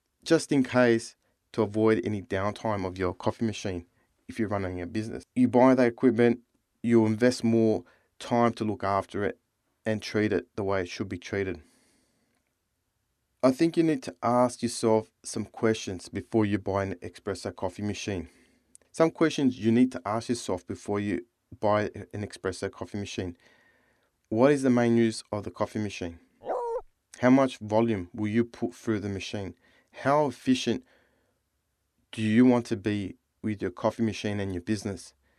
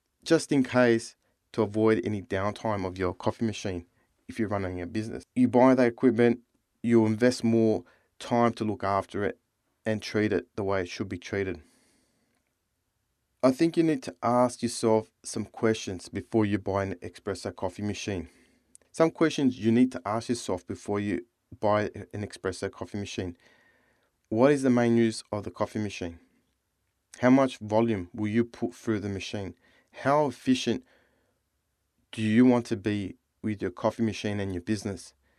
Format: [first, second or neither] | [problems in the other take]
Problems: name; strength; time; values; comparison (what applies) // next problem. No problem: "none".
second | dog barking; noticeable; at 26 s; peak 4 dB below the speech